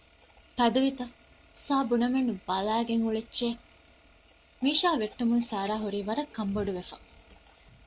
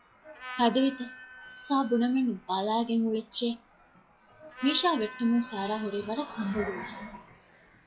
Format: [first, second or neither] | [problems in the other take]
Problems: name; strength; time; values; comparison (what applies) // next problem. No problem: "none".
first | noise reduction (classical method log-MMSE)